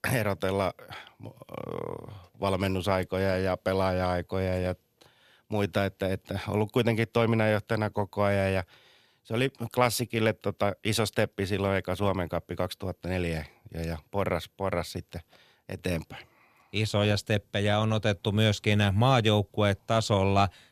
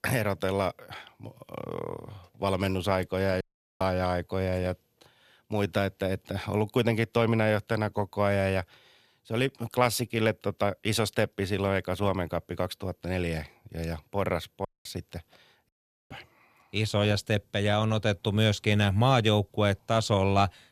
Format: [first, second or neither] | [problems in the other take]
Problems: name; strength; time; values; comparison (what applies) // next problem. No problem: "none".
first | audio cutting out; at 3.5 s, at 15 s and at 16 s